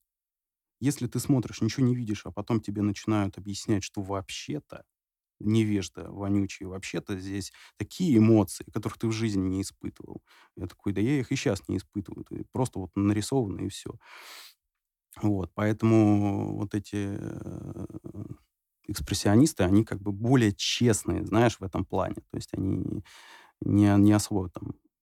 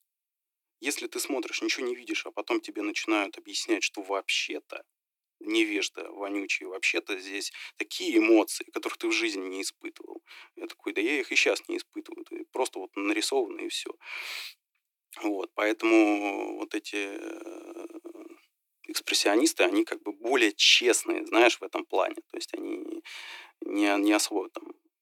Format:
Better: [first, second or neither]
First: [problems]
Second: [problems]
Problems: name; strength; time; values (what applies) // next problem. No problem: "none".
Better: first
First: none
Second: thin; very; fading below 350 Hz